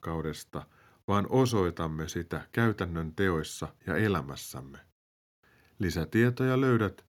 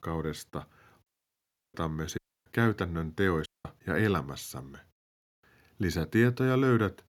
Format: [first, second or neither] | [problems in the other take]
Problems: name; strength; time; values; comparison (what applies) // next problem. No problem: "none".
first | audio cutting out; at 1 s for 0.5 s, at 2 s and at 3.5 s